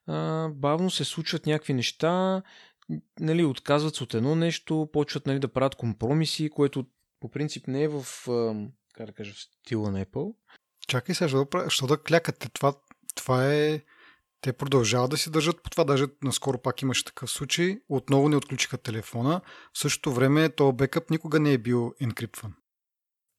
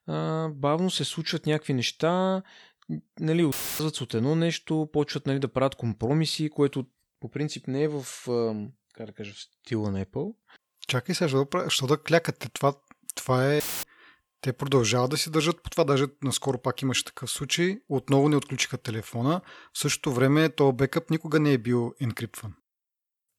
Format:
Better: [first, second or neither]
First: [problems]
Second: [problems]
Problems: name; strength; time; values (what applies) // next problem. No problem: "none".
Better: first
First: none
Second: audio cutting out; filled with static; at 3.5 s and at 14 s